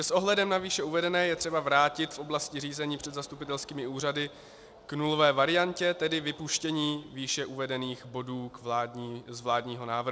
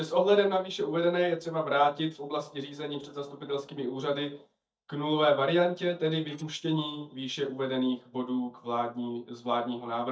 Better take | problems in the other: first | noise reduction (neural mask model DeepFilterNet 3)

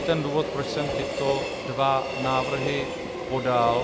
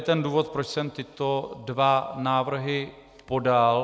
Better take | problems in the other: second | background sound (Train); 3 dB below the speech

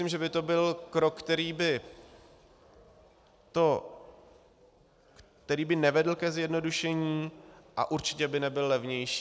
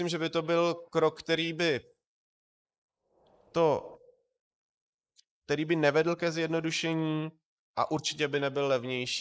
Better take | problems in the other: first | noise reduction (neural mask model Resemble Enhance denoiser)

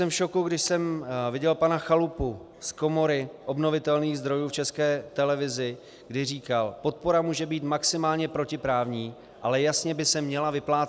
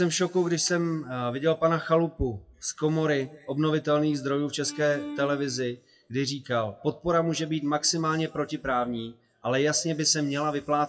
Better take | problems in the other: first | noise reduction (classical method WPE with log-MMSE)

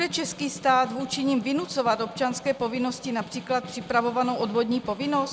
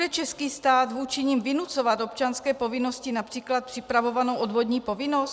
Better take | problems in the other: second | background sound (Snare drum); 15 dB below the speech

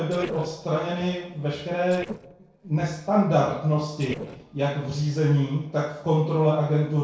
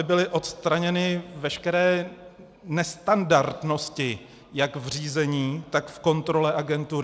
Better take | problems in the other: second | noise reduction (neural separator model SepFormer DNS4)

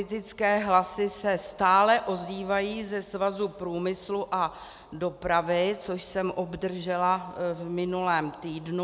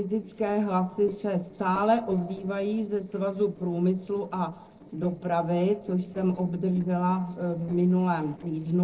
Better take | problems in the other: first | noise reduction (neural separator model SepFormer DNS4)

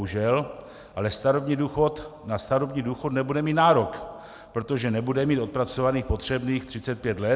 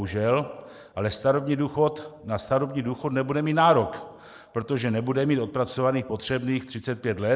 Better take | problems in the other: first | noise reduction (neural mask model Resemble Enhance denoiser)

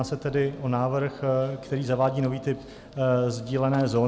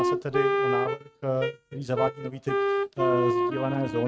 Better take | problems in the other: first | noise reduction (neural mask model RNNoise)

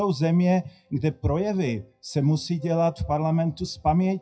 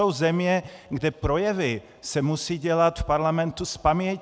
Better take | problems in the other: second | noise reduction (classical method WPE with log-MMSE)

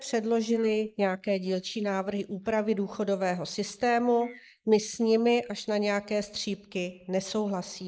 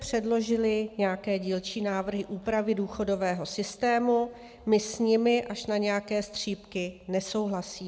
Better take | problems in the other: second | noise reduction (neural mask model Resemble Enhance denoiser)

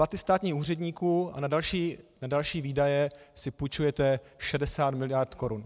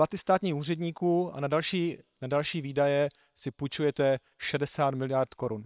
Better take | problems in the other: first | noise reduction (neural separator model SepFormer WHAM!)

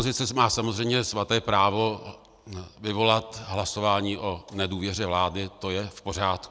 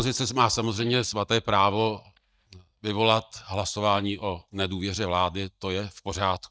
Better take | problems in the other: first | noise reduction (neural mask model DeepFilterNet 3)

